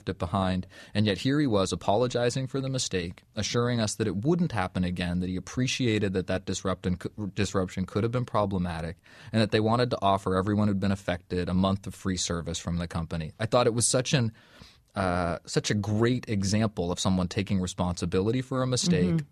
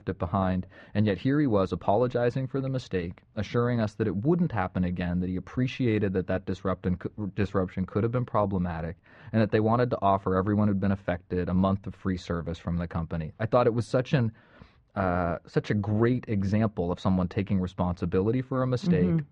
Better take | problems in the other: first | muffled; very; fading above 2 kHz

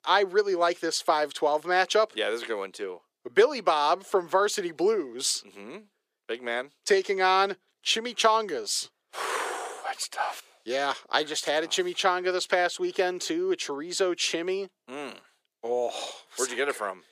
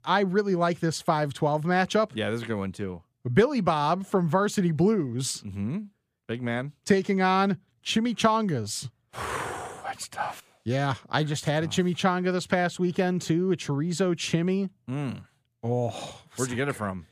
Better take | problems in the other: second | thin; very; fading below 400 Hz

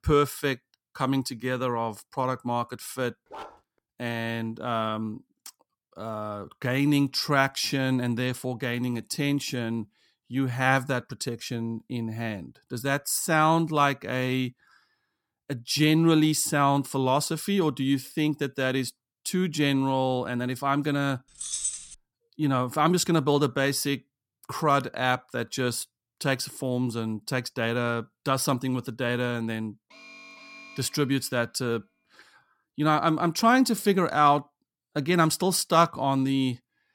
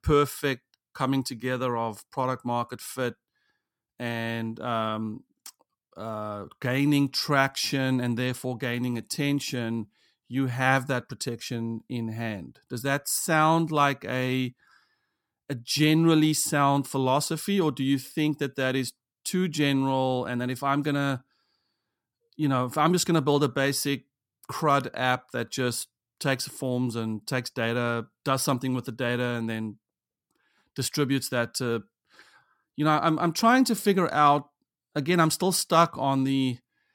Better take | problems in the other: second | dog barking; faint; at 3.5 s; peak 15 dB below the speech // jangling keys; noticeable; at 21 s; peak 2 dB below the speech // alarm; faint; from 30 to 31 s; peak 20 dB below the speech

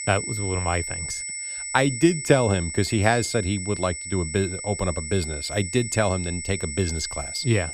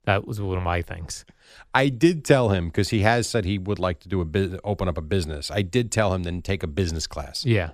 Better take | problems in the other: second | high-pitched whine; loud; throughout; 8 kHz, 6 dB below the speech

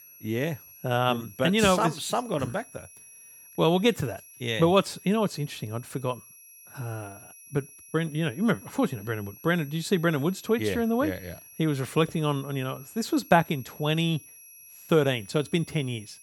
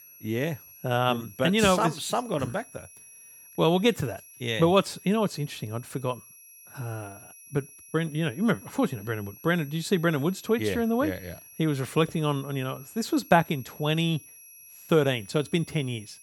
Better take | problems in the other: neither | high-pitched whine; faint; throughout; 11.5 kHz, 20 dB below the speech; the same in both

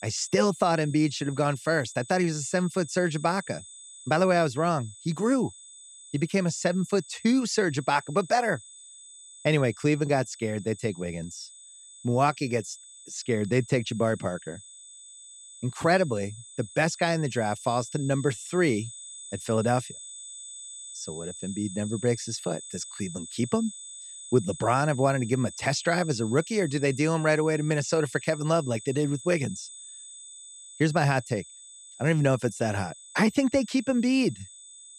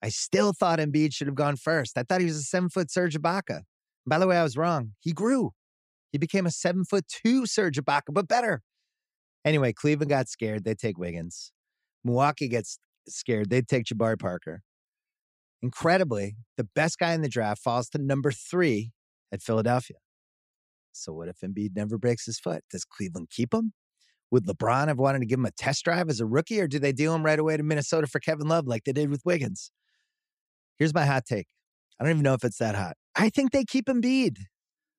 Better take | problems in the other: second | high-pitched whine; noticeable; throughout; 8 kHz, 15 dB below the speech

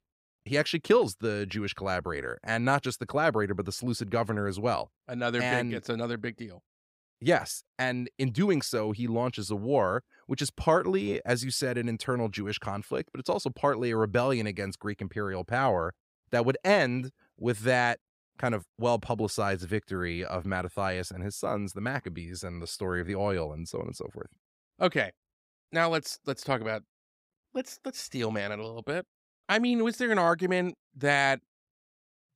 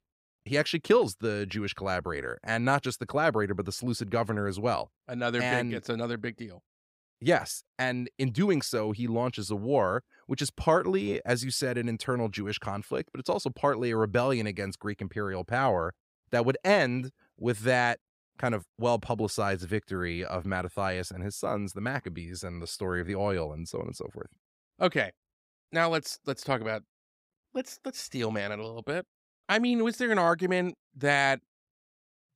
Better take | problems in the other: neither | none

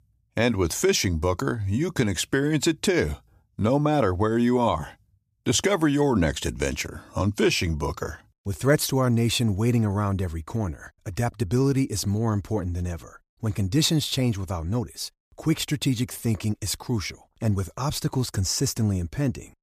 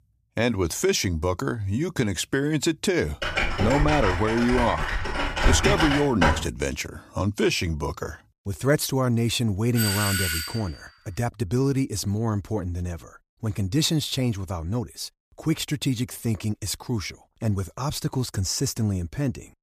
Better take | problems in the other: first | keyboard typing; loud; from 3 to 6.5 s; peak 4 dB above the speech // doorbell; loud; at 10 s; peak 2 dB above the speech

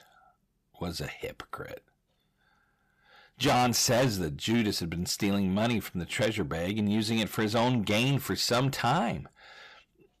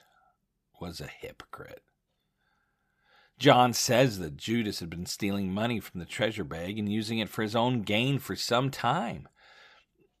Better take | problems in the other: second | distortion; heavy; 6 dB below the speech

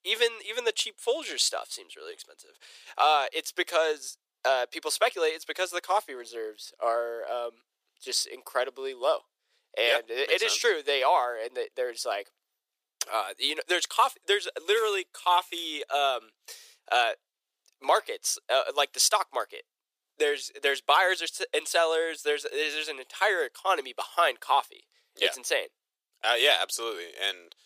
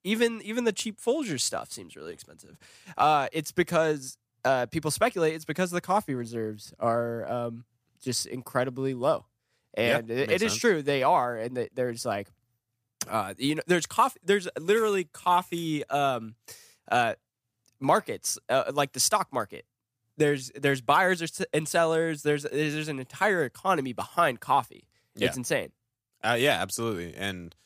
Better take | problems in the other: second | thin; very; fading below 400 Hz

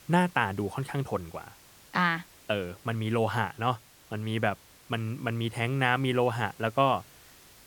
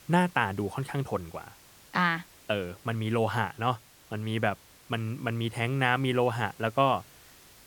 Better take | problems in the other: neither | hiss; faint; throughout; 25 dB below the speech; the same in both

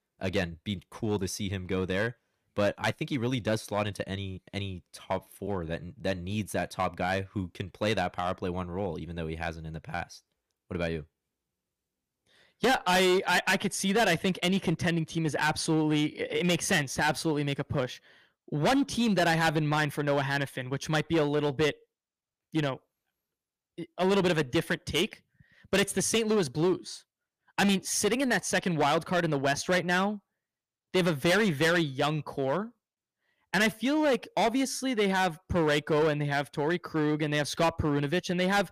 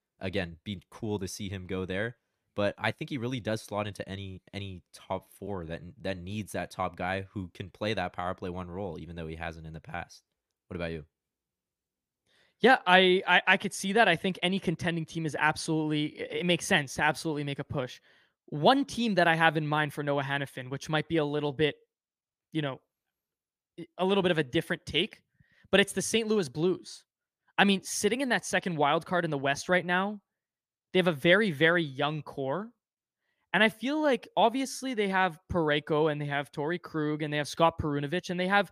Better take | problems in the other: second | distortion; heavy; 7% of the sound clipped

